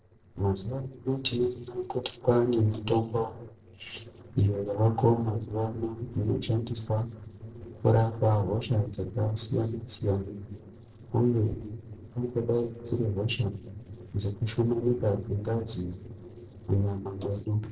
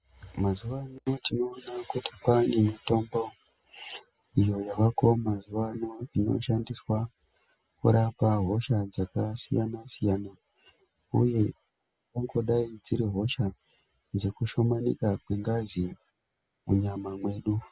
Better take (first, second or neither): second